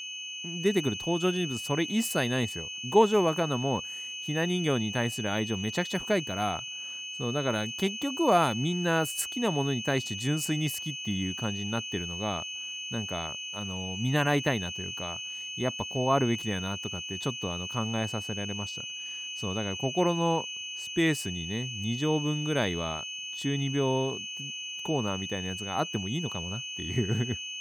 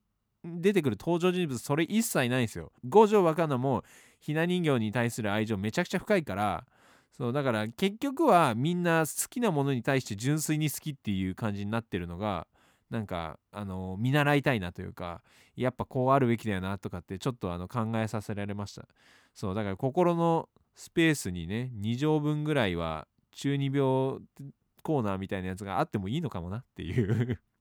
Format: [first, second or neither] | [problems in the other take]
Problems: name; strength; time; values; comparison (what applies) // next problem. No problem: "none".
second | high-pitched whine; loud; throughout; 3 kHz, 5 dB below the speech